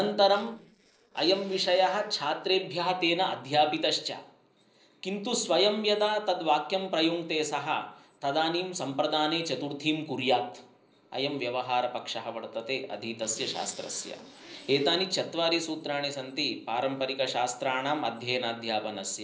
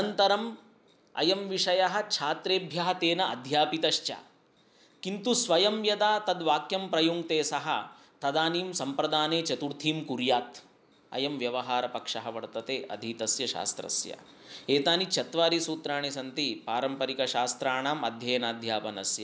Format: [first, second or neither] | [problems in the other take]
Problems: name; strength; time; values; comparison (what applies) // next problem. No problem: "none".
second | noise reduction (neural separator model SepFormer DNS4)